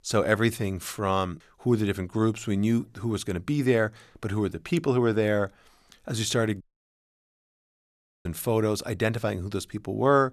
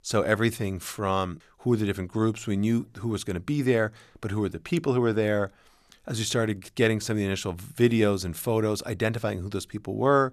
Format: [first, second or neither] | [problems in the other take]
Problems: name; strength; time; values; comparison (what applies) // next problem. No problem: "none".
second | audio cutting out; at 6.5 s for 1.5 s